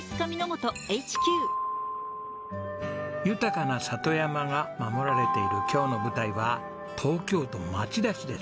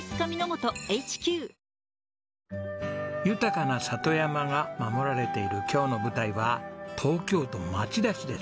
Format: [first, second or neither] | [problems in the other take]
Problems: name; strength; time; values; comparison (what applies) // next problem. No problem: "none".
second | background sound (Percussion); 4 dB below the speech